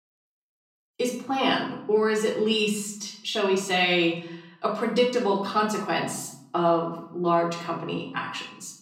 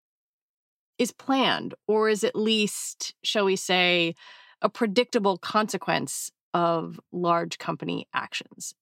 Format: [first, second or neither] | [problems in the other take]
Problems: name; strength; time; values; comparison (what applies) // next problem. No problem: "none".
second | off-mic speech; somewhat distant // room echo; noticeable; dies away in 0.6 s